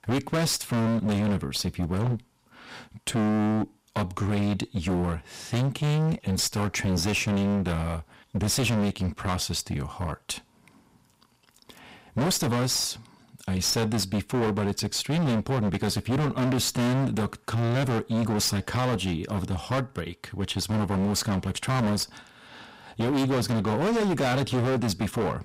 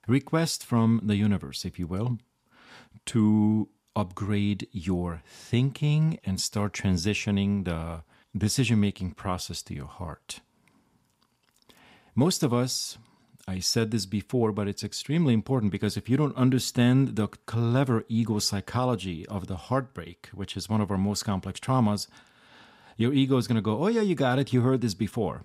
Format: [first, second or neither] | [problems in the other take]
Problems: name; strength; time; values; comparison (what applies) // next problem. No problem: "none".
second | distortion; heavy; 28% of the sound clipped